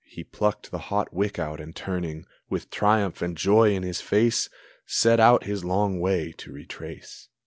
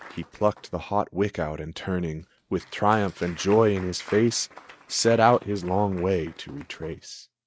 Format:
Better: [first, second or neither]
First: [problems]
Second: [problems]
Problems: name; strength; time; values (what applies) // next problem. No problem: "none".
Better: first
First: none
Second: noise reduction (neural mask model RNNoise)